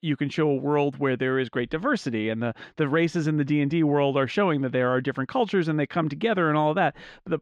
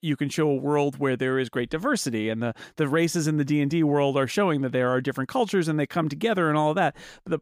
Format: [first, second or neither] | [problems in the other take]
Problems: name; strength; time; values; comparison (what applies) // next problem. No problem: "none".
second | muffled; slightly; fading above 3 kHz